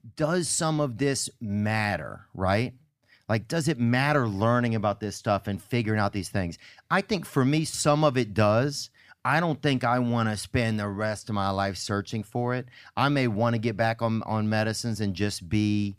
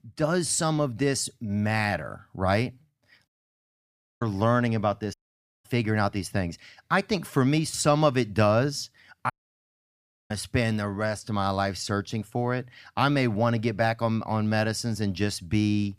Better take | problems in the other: first | audio cutting out; at 3.5 s for 1 s, at 5 s for 0.5 s and at 9.5 s for 1 s

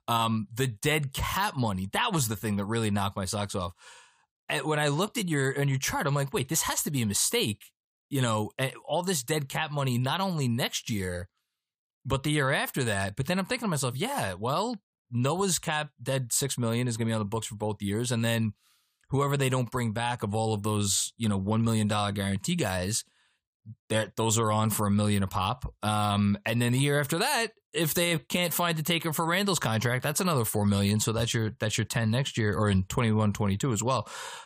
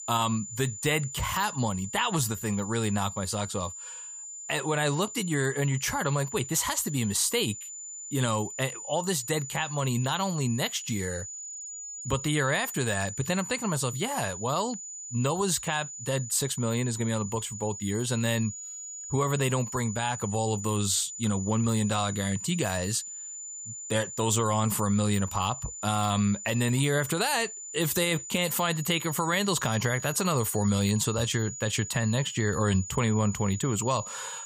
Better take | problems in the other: first | high-pitched whine; loud; throughout; 7 kHz, 9 dB below the speech

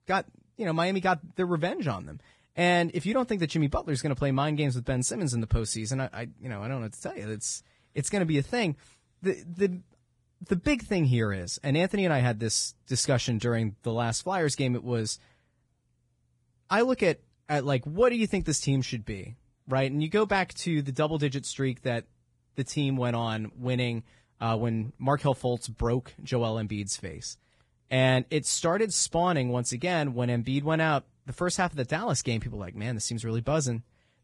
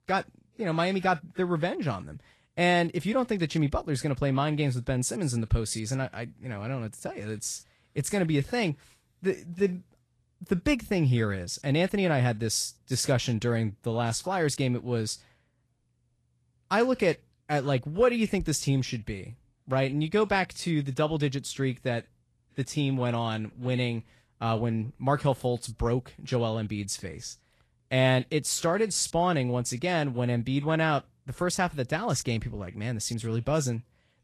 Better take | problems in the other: second | garbled, watery; badly; nothing above 10 kHz; slightly in the second

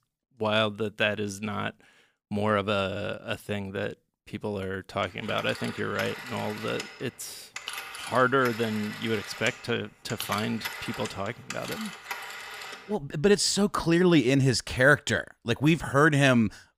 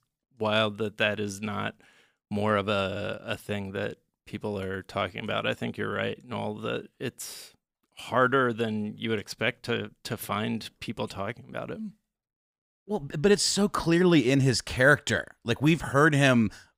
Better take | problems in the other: second | phone ringing; noticeable; from 5 to 13 s; peak 8 dB below the speech

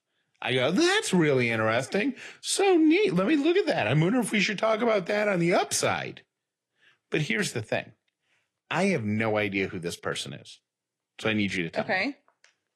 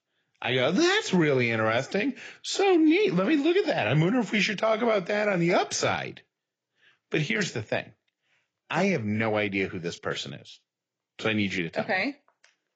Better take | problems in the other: first | garbled, watery; badly; nothing above 7.5 kHz; slightly in the first

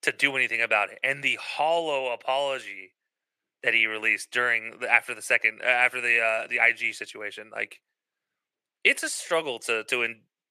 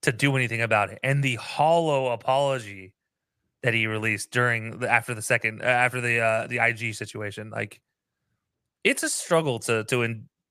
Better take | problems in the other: second | thin; somewhat; fading below 400 Hz

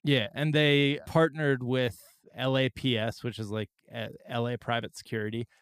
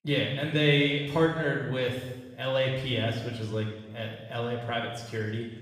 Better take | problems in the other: first | room echo; noticeable; dies away in 1 s // off-mic speech; far

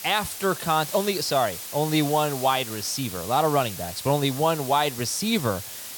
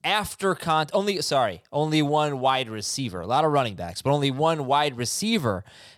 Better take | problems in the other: second | hiss; loud; throughout; 9 dB below the speech

